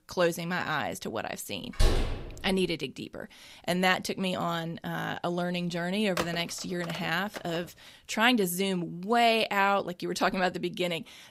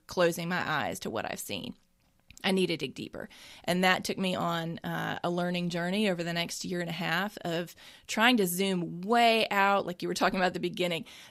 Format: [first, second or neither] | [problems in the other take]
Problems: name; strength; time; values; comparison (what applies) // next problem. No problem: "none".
second | door banging; loud; at 2 s; peak level with the speech // phone ringing; noticeable; from 6 to 7.5 s; peak 6 dB below the speech